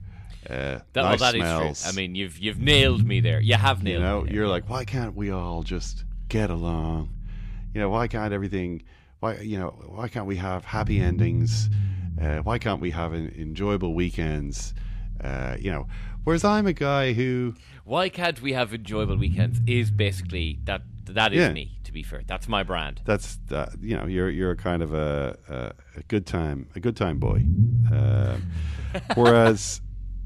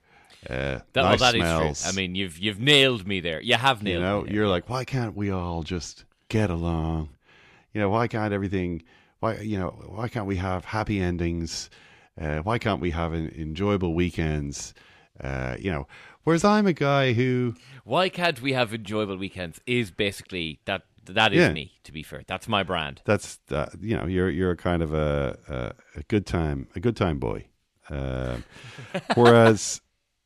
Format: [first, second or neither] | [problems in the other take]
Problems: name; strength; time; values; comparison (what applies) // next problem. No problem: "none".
second | low rumble; noticeable; throughout; 15 dB below the speech